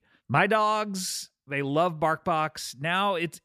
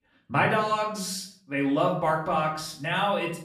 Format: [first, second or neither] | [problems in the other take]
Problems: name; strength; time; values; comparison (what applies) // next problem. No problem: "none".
first | off-mic speech; far // room echo; slight; dies away in 0.5 s